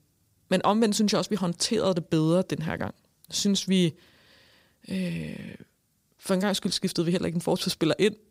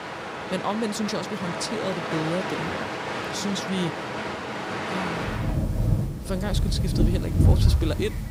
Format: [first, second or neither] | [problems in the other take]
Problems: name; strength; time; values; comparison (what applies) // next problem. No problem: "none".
first | rain or running water; very loud; throughout; 3 dB above the speech